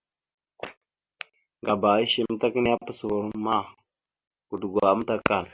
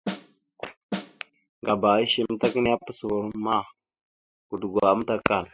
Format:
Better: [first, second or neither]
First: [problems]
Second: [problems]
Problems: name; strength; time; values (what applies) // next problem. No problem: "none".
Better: first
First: none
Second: noise reduction (classical method spectral subtraction)